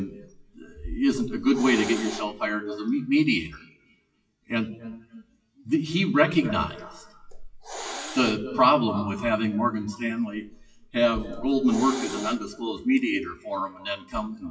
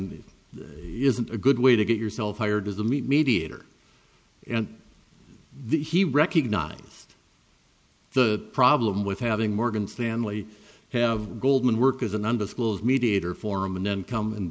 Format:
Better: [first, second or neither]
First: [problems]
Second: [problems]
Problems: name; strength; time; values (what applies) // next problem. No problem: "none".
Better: second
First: noise reduction (classical method WPE with log-MMSE)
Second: none